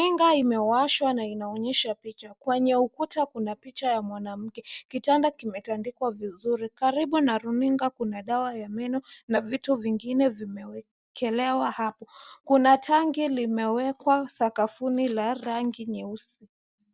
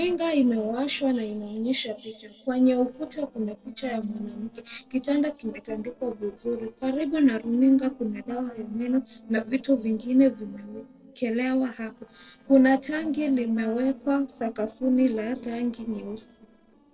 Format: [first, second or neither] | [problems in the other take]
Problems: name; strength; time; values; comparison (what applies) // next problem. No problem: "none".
first | noise reduction (neural separator model SepFormer DNS4)